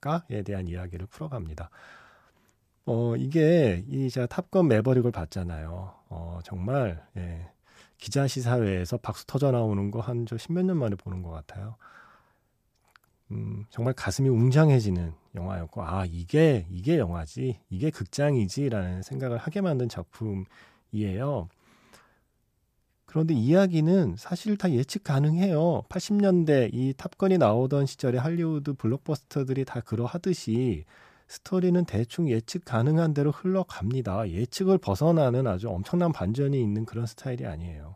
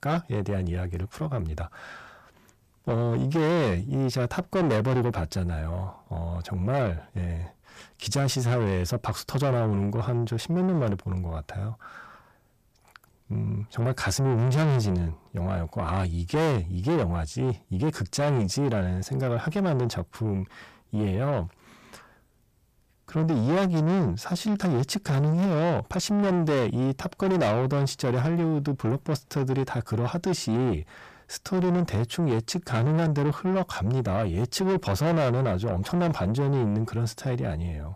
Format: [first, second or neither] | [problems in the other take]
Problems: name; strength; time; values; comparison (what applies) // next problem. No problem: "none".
first | distortion; heavy; 7 dB below the speech